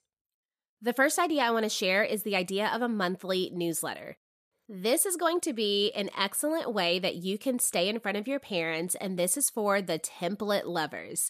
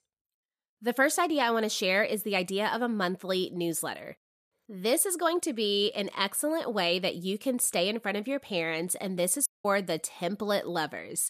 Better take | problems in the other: first | audio cutting out; at 9.5 s

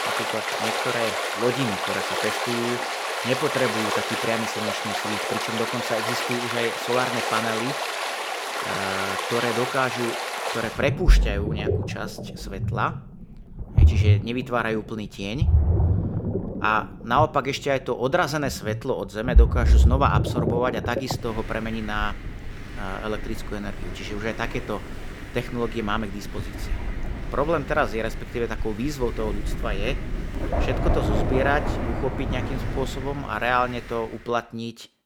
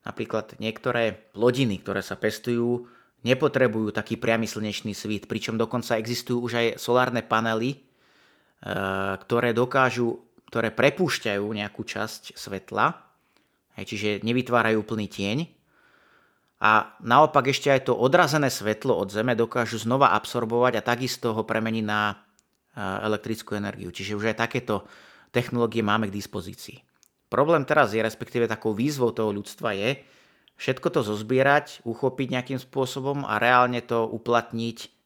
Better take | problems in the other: second | rain or running water; very loud; throughout; 1 dB above the speech

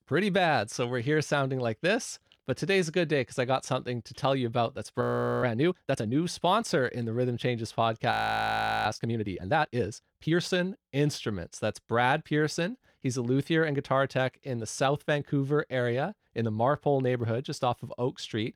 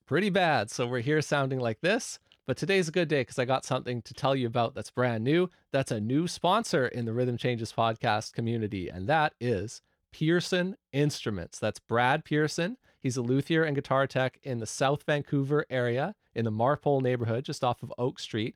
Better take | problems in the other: second | audio freezing; at 5 s and at 8 s for 0.5 s

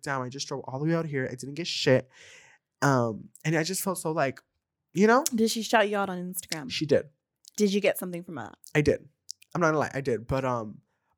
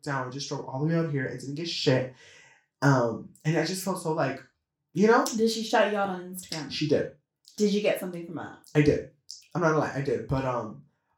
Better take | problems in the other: first | room echo; slight; dies away in 0.3 s // off-mic speech; somewhat distant

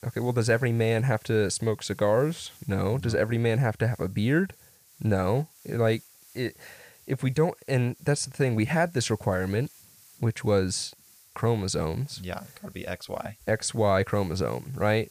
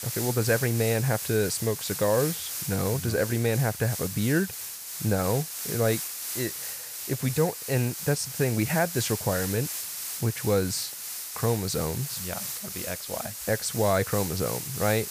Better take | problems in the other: first | hiss; loud; throughout; 5 dB below the speech; faint in the first

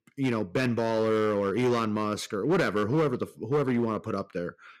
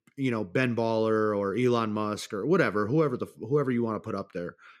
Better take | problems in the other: second | distortion; slight; 9% of the sound clipped

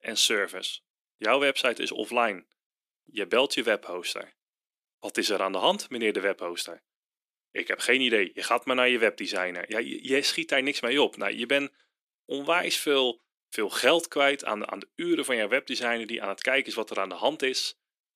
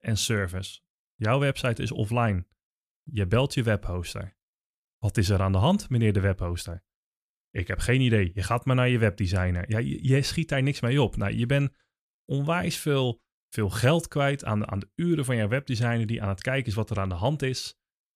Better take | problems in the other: second | thin; very; fading below 300 Hz

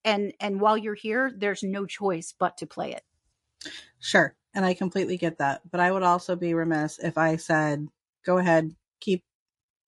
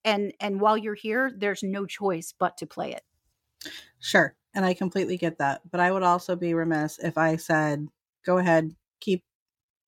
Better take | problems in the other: second | garbled, watery; slightly; nothing above 11 kHz

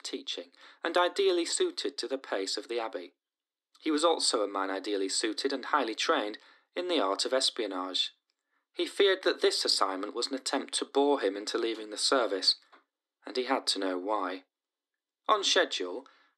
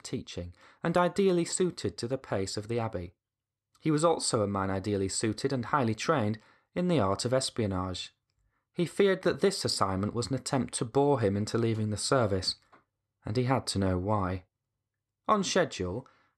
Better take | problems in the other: second | thin; somewhat; fading below 250 Hz

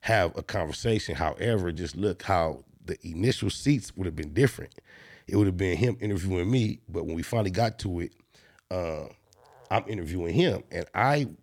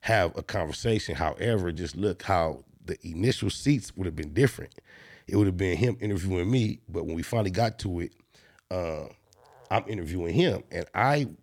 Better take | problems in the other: neither | none

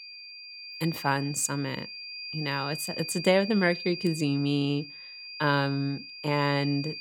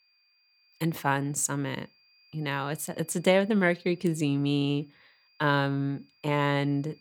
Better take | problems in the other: second | high-pitched whine; loud; throughout; 4.5 kHz, 10 dB below the speech; faint in the second

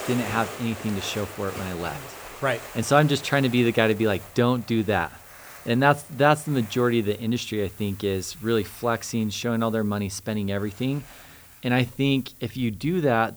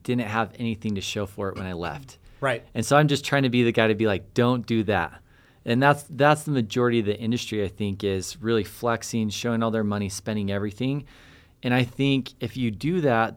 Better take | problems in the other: second | hiss; noticeable; throughout; 15 dB below the speech

